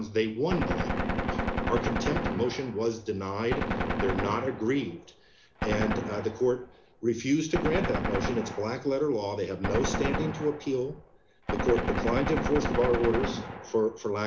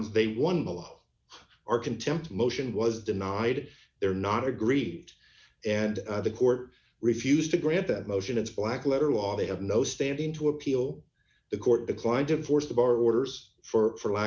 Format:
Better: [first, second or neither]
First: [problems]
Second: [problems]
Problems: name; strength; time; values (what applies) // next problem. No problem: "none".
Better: second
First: background sound (Gunshot, gunfire); 2 dB below the speech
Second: none